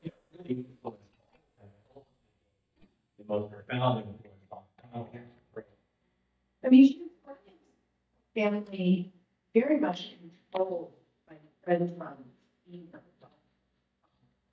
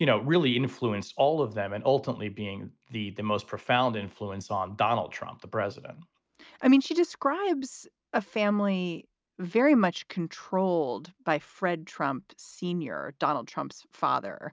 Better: second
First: noise reduction (neural mask model DeepFilterNet 3)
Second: none

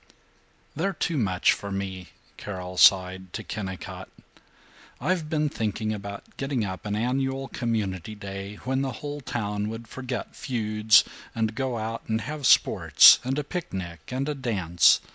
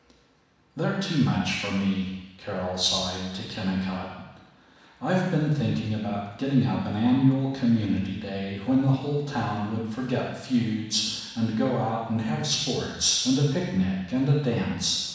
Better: first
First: none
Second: room echo; dies away in 1.1 s

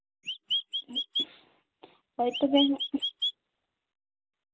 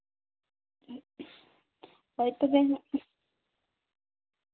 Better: second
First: background sound (Chirp, tweet); as loud as the speech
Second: none

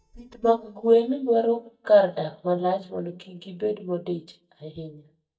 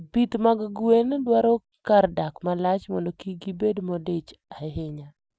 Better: second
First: noise reduction (neural mask model DeepFilterNet 3)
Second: none

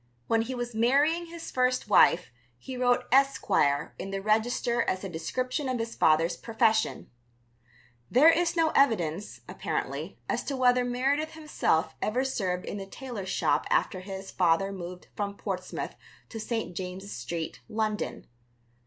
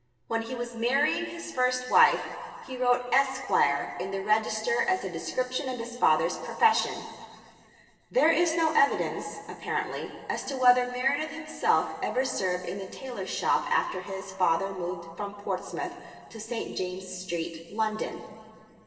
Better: first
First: none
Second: room echo; dies away in 2.5 s

